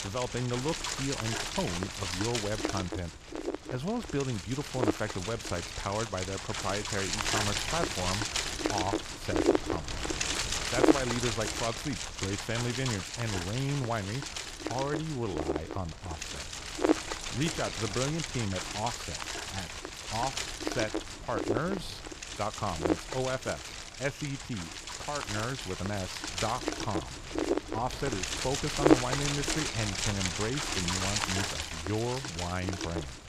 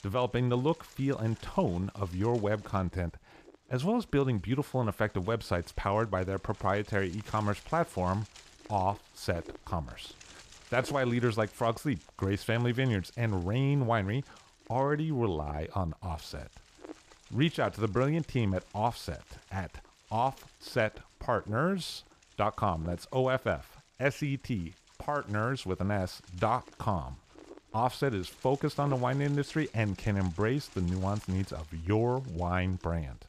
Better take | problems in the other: second | wind noise on the microphone; heavy; 3 dB above the speech; occasional gusts in the second

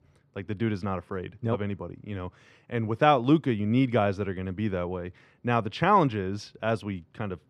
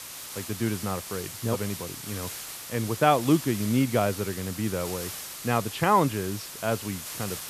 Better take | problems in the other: first | hiss; loud; throughout; 8 dB below the speech

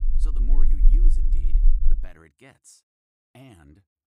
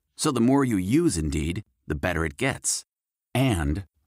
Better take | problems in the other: second | low rumble; loud; until 2 s; 1 dB below the speech

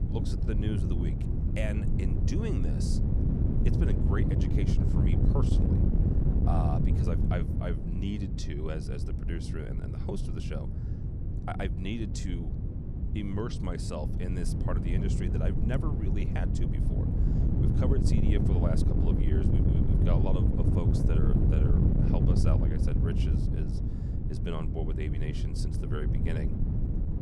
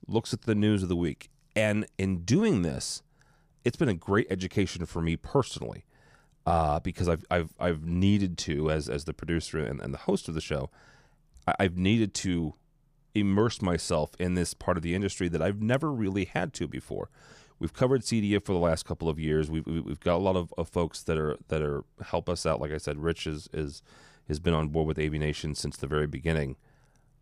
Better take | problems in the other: second | wind noise on the microphone; heavy; 1 dB above the speech

